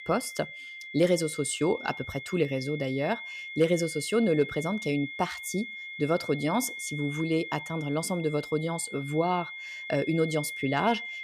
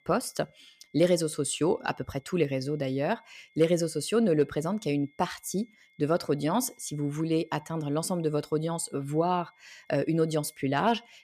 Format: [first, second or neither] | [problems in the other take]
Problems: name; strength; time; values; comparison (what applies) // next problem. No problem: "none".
second | high-pitched whine; loud; throughout; 2 kHz, 9 dB below the speech; faint in the second